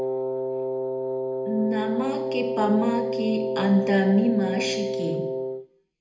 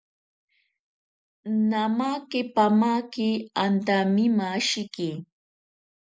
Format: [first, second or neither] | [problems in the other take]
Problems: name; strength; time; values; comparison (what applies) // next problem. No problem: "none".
second | background sound (Wind instrument, woodwind instrument); 2 dB below the speech // room echo; dies away in 0.8 s